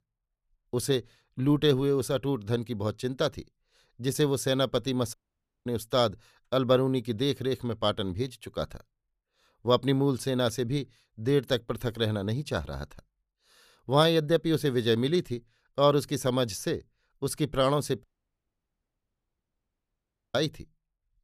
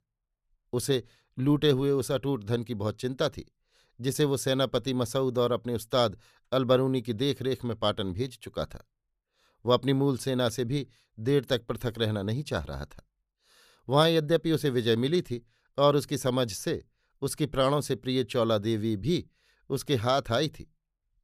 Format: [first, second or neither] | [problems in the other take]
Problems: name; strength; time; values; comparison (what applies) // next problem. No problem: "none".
second | audio cutting out; at 5 s for 0.5 s and at 18 s for 2.5 s